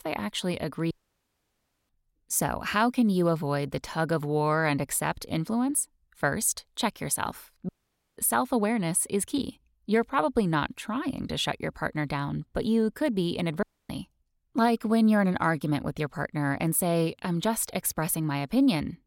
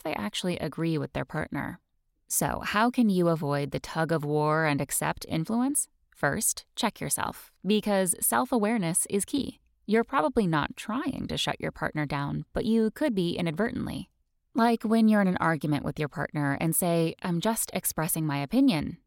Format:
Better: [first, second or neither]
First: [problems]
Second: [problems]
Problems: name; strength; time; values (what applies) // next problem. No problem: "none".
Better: second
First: audio cutting out; at 1 s for 1 s, at 7.5 s and at 14 s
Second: none